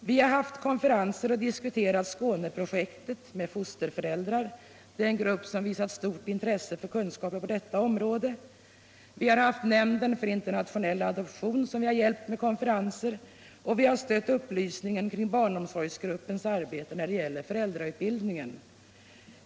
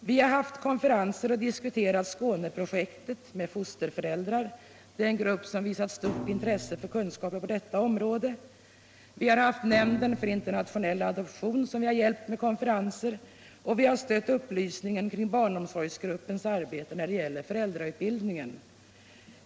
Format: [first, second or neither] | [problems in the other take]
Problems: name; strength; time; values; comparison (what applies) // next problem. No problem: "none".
first | background sound (Thump, thud); 10 dB below the speech